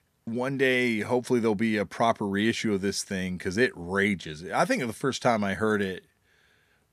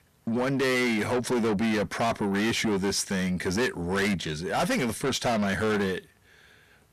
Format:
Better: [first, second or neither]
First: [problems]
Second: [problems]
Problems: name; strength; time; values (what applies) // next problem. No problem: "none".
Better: first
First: none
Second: distortion; heavy; 6 dB below the speech